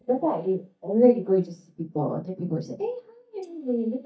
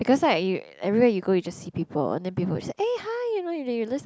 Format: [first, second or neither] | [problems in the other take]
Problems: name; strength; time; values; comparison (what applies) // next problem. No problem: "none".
second | noise reduction (neural mask model DeepFilterNet 3)